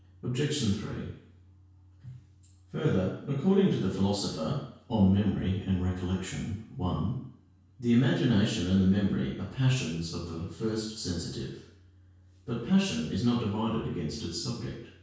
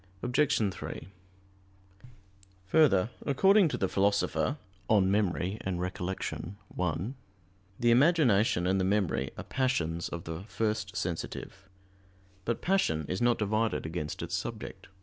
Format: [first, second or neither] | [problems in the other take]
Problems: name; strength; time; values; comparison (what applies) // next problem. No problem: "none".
second | room echo; dies away in 0.6 s